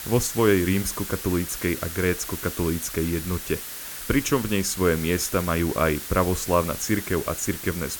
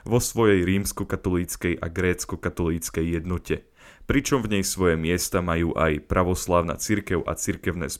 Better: second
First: hiss; loud; throughout; 8 dB below the speech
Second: none

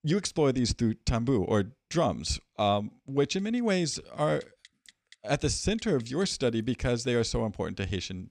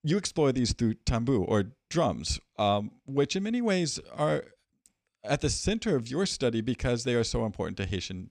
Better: second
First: household noises; faint; from 3.5 s on; 30 dB below the speech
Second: none

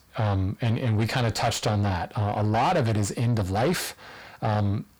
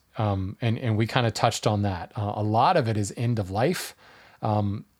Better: second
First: distortion; heavy; 7 dB below the speech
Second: none

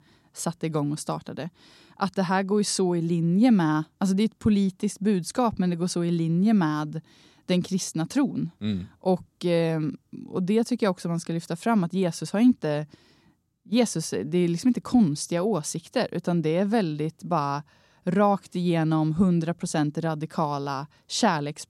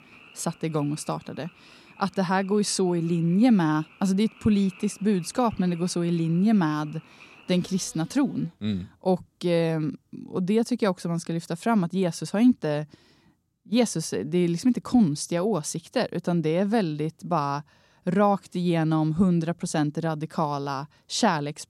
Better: first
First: none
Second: animal sounds; faint; until 8 s; 25 dB below the speech

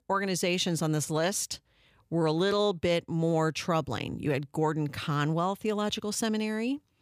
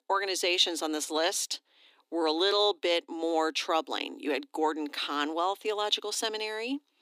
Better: first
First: none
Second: thin; somewhat; fading below 250 Hz

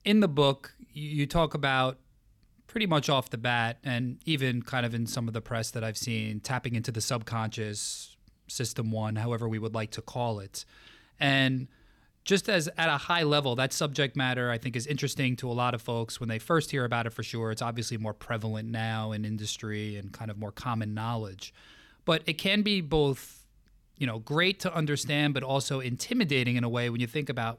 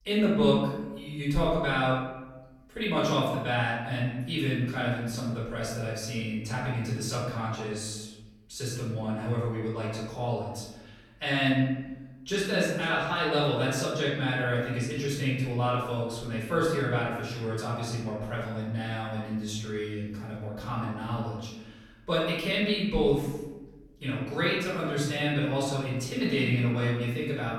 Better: first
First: none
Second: room echo; noticeable; dies away in 1 s // off-mic speech; far

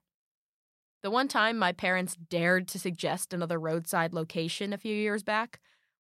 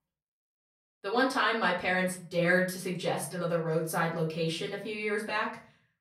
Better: first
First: none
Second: off-mic speech; far // room echo; slight; dies away in 0.4 s

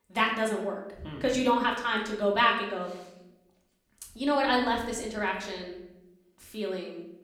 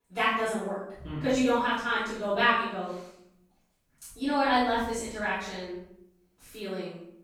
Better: first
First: room echo; slight; dies away in 0.7 s // off-mic speech; far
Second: room echo; strong; dies away in 0.7 s // off-mic speech; far

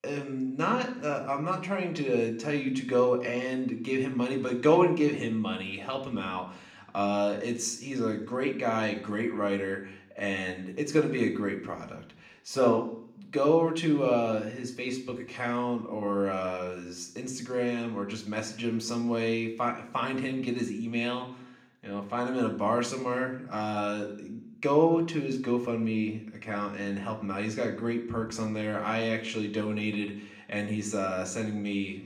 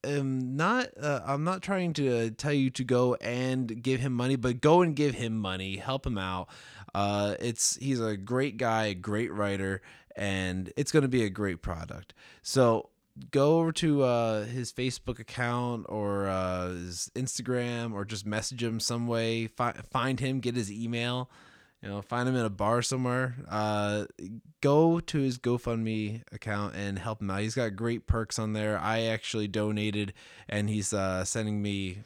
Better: second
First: room echo; slight; dies away in 0.6 s // off-mic speech; somewhat distant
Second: none

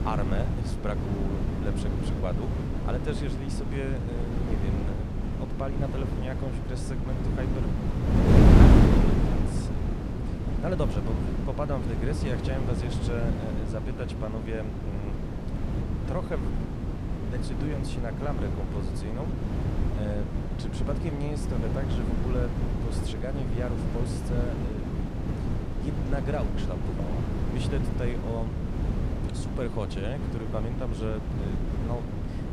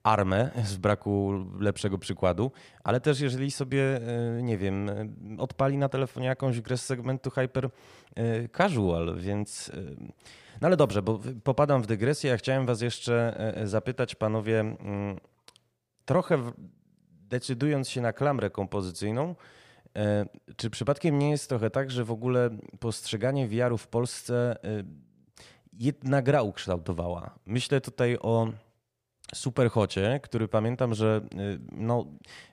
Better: second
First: wind noise on the microphone; heavy; 2 dB above the speech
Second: none

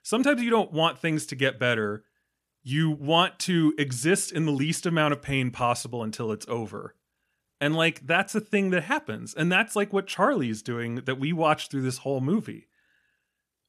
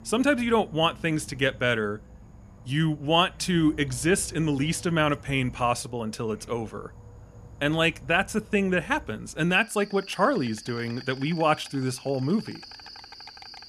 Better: first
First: none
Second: animal sounds; noticeable; throughout; 20 dB below the speech

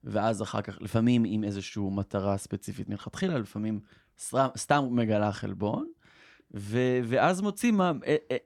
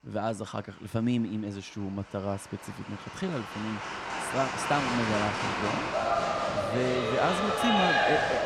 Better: first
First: none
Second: crowd noise; very loud; throughout; 3 dB above the speech

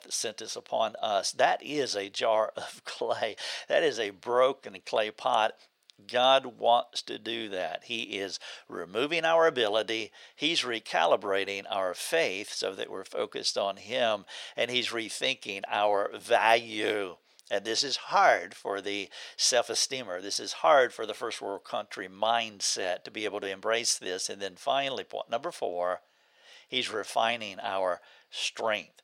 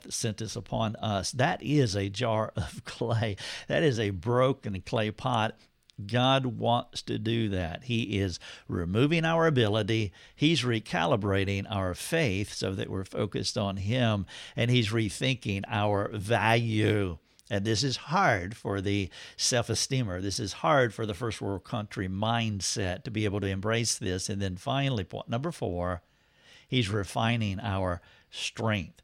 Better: second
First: thin; very; fading below 550 Hz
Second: none

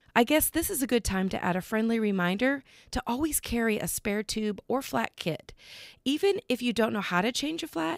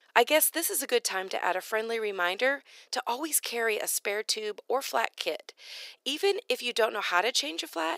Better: first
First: none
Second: thin; very; fading below 400 Hz

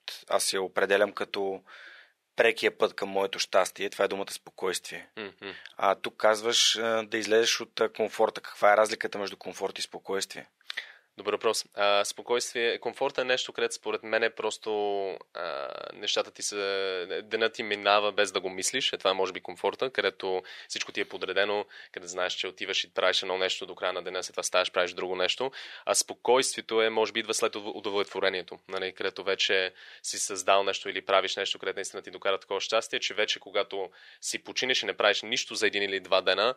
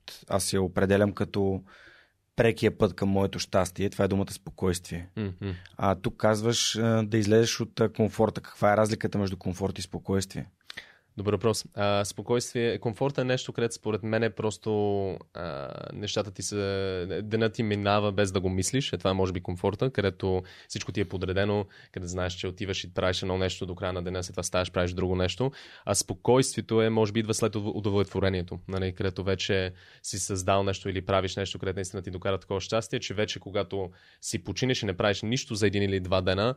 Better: second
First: thin; very; fading below 550 Hz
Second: none

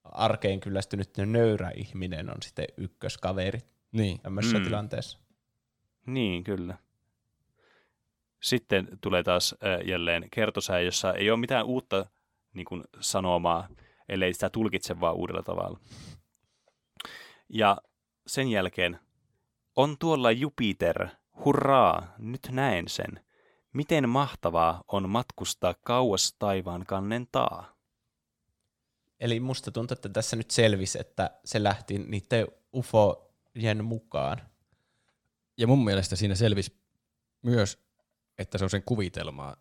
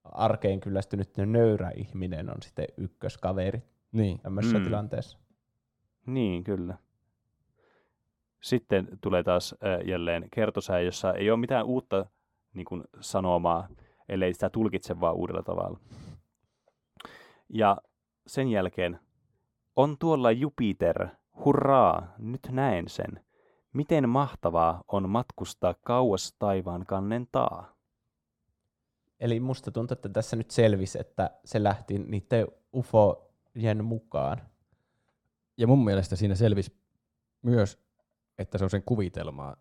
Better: first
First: none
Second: muffled; slightly; fading above 1.5 kHz

